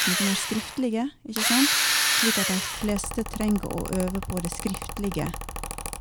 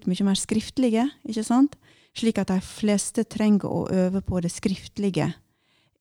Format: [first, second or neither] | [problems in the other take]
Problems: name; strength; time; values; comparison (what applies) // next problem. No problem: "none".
second | machinery noise; very loud; throughout; 4 dB above the speech